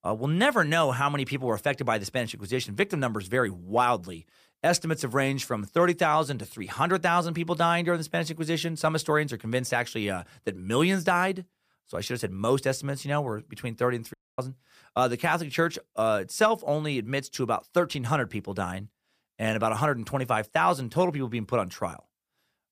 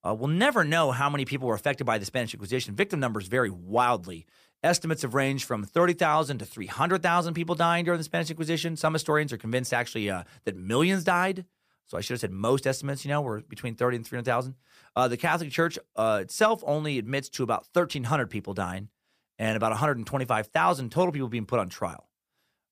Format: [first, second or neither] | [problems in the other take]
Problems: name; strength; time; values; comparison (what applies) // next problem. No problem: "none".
second | audio cutting out; at 14 s